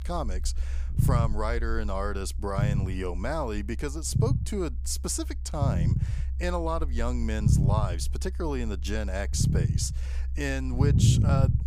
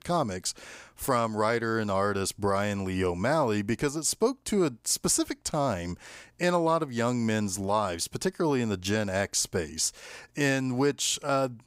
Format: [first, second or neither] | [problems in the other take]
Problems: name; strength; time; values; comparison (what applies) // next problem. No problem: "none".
second | low rumble; loud; throughout; 5 dB below the speech